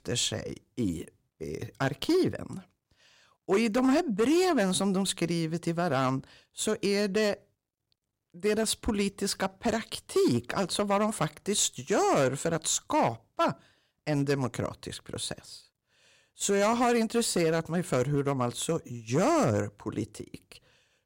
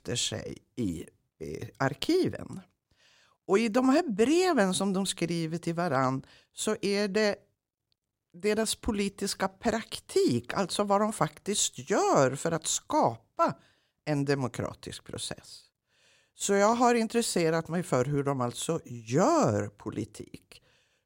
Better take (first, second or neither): second